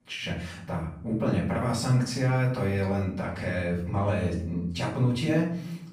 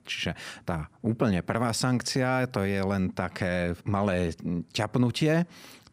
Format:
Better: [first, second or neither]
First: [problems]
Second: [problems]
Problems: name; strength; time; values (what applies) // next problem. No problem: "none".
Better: second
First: off-mic speech; far // room echo; noticeable; dies away in 0.6 s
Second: none